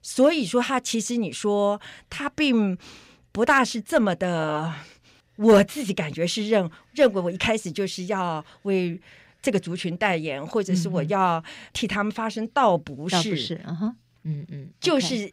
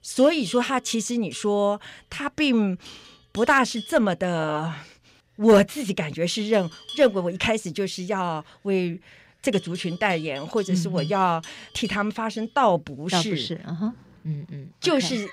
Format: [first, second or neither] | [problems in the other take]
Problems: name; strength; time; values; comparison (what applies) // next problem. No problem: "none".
first | animal sounds; noticeable; throughout; 20 dB below the speech